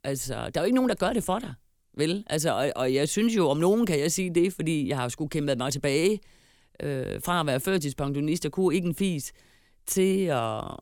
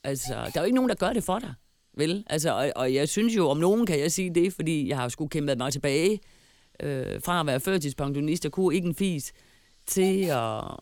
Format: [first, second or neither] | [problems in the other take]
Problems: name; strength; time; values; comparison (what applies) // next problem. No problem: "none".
first | hiss; noticeable; throughout; 20 dB below the speech